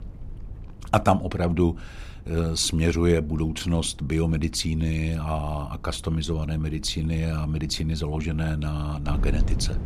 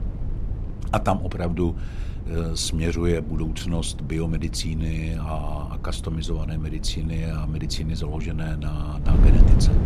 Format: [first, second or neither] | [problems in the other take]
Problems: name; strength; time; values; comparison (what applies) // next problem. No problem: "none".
first | wind noise on the microphone; heavy; 10 dB below the speech; occasional gusts in the first